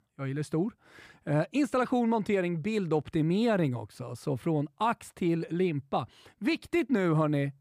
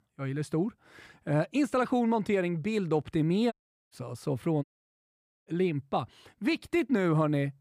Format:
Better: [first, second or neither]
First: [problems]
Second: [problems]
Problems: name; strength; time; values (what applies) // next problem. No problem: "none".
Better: first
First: none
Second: audio cutting out; at 3.5 s and at 4.5 s for 1 s